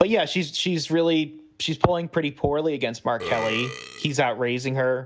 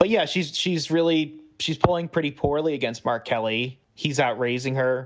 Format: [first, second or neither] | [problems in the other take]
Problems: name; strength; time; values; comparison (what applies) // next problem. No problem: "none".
second | background sound (Burping, eructation); 11 dB below the speech